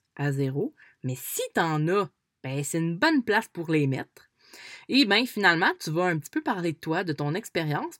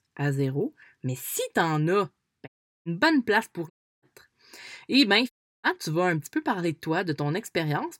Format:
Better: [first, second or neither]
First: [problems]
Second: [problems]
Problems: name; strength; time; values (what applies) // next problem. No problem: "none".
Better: first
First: none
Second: audio cutting out; at 2.5 s, at 3.5 s and at 5.5 s